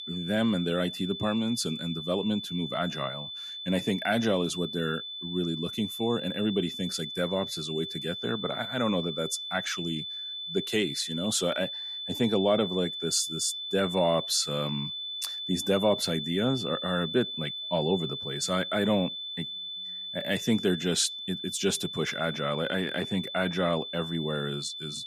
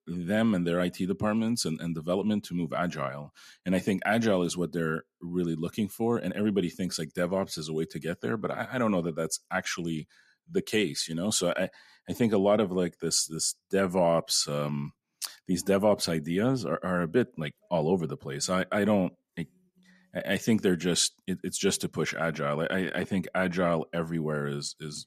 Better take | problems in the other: second | high-pitched whine; loud; throughout; 3.5 kHz, 5 dB below the speech

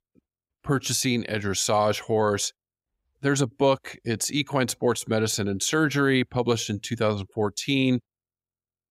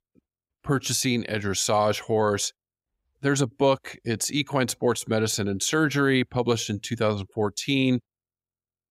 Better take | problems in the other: neither | none

